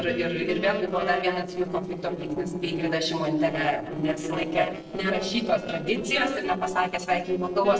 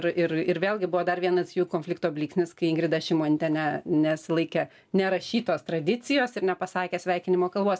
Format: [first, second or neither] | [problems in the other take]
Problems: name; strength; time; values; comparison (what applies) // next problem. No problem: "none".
second | noise reduction (neural separator model SepFormer DNS4)